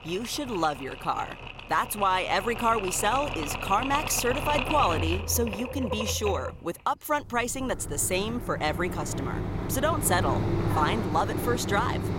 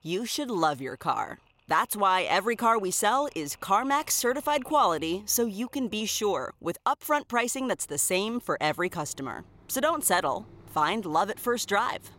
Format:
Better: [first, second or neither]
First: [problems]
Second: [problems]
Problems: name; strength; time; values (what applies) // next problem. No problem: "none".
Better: second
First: machinery noise; loud; throughout; 5 dB below the speech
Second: machinery noise; faint; throughout; 30 dB below the speech